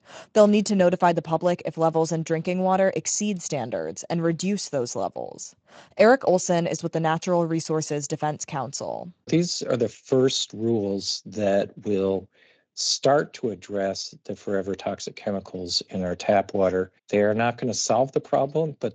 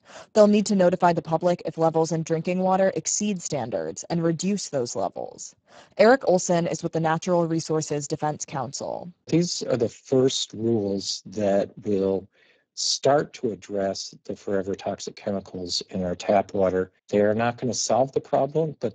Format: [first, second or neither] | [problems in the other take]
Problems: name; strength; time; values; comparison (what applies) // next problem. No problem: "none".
first | garbled, watery; badly; nothing above 7.5 kHz; slightly in the first